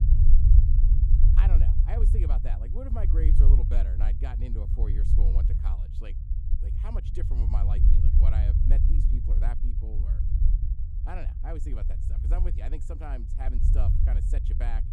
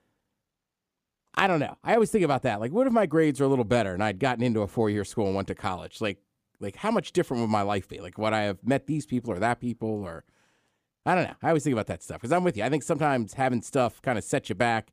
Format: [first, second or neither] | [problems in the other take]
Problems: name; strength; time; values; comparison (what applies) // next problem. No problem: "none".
second | low rumble; loud; throughout; 1 dB below the speech